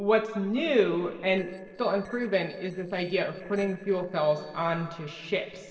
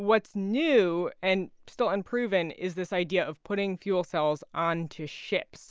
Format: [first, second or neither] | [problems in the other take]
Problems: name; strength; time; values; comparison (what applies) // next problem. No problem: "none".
second | noise reduction (neural separator model SepFormer DNS4)